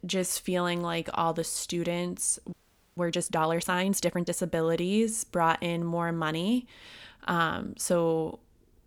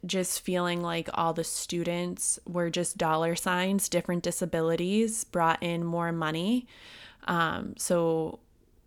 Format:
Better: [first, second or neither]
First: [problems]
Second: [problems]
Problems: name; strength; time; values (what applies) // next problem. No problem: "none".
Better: second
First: audio freezing; at 2.5 s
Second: none